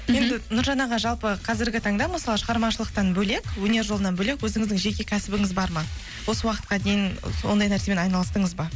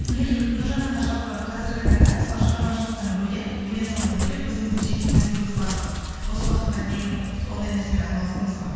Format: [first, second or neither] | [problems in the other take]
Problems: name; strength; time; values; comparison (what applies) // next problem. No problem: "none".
first | background sound (Cat); 1 dB above the speech // room echo; dies away in 2.1 s